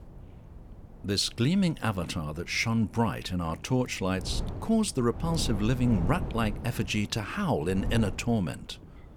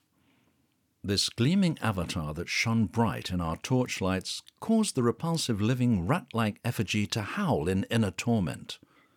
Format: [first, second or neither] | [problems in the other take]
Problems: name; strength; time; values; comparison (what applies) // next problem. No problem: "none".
second | wind noise on the microphone; occasional gusts; 15 dB below the speech